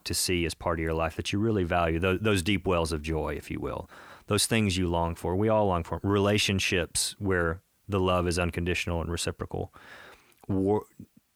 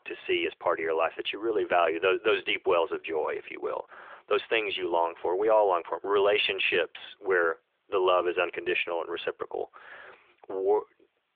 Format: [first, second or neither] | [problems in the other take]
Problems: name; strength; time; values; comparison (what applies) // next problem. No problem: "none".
first | phone-call audio